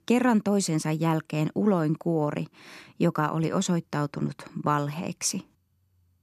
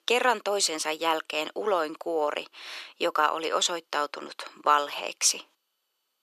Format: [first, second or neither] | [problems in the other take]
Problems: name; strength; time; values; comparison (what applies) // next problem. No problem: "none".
first | thin; very; fading below 450 Hz